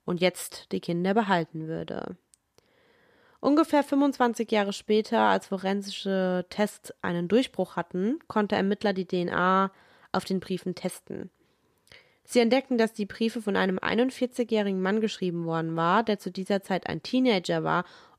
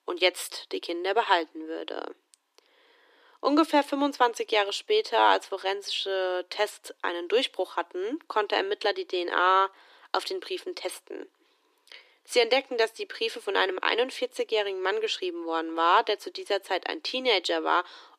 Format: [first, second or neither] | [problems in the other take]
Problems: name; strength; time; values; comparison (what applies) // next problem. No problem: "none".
first | thin; somewhat; fading below 300 Hz